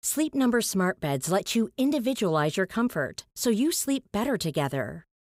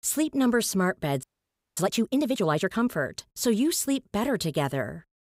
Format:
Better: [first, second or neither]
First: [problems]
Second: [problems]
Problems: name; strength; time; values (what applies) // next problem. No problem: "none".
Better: first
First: none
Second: audio freezing; at 1 s for 0.5 s